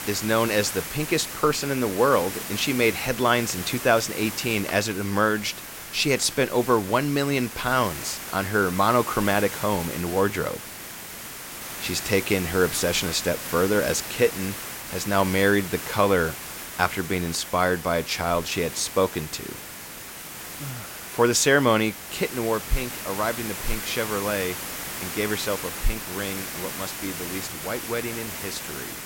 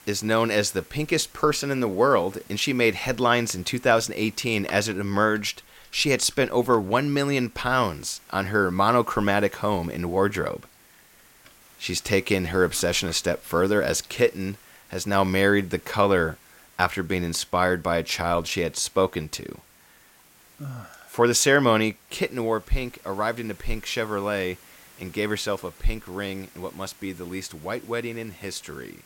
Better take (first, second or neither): second